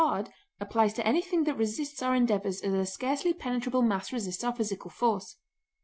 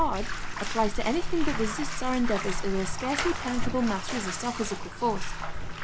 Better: first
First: none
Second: background sound (Bathtub (filling or washing)); 1 dB above the speech

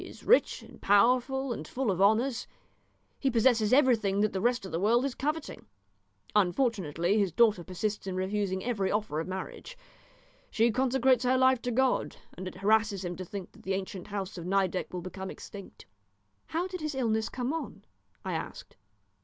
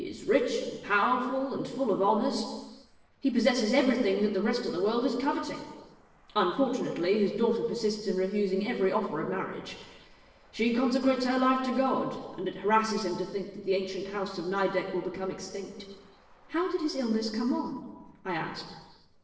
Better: first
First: none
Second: noise reduction (neural separator model SepFormer DNS4)

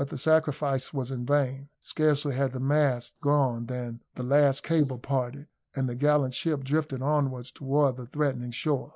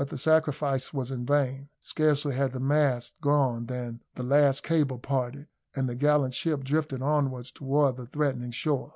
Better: second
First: noise reduction (neural mask model Resemble Enhance denoiser)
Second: none

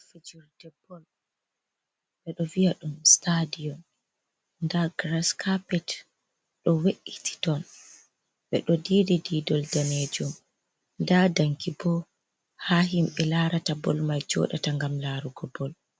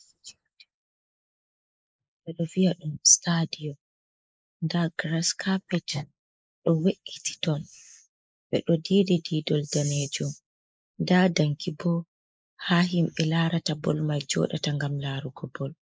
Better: first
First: none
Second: noise reduction (neural mask model Resemble Enhance denoiser)

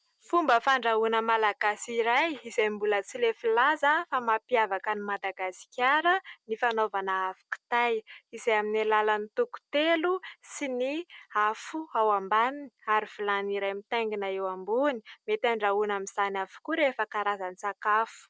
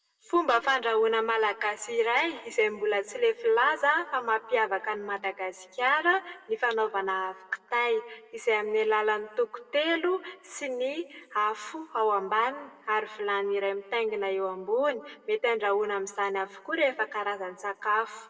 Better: first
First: none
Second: room echo; dies away in 1 s

